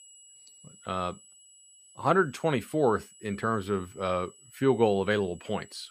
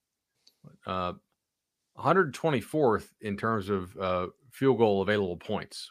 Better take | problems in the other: second | high-pitched whine; faint; throughout; 8 kHz, 25 dB below the speech

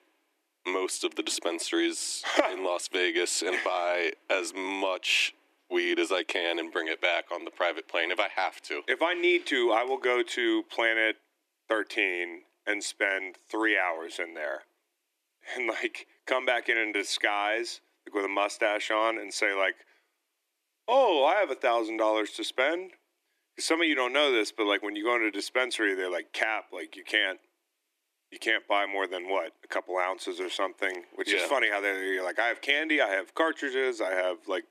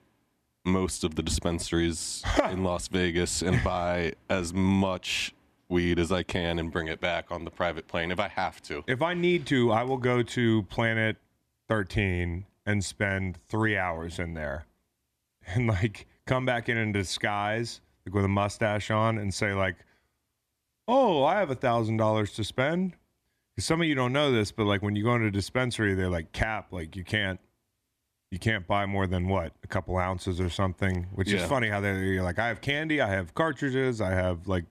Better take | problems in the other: second | thin; very; fading below 300 Hz

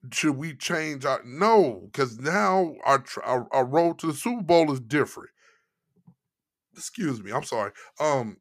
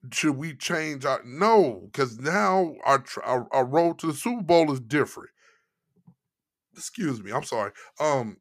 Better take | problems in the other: neither | none

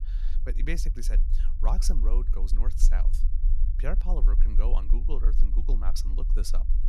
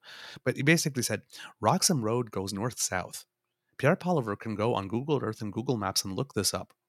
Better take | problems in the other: second | low rumble; noticeable; throughout; 10 dB below the speech

